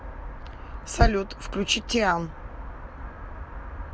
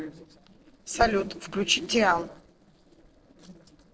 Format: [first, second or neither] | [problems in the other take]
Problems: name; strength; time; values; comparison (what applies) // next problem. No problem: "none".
first | noise reduction (neural separator model SepFormer DNS4)